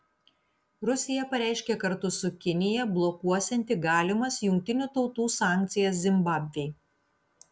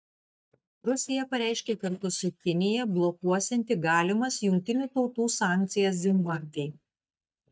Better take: first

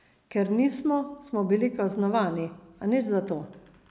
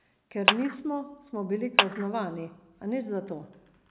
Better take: first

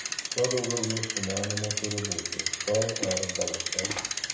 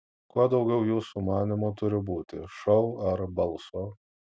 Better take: second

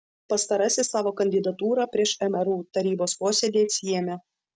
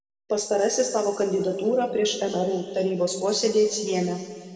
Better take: first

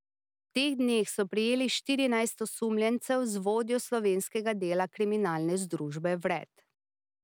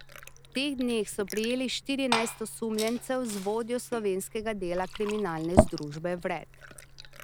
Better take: first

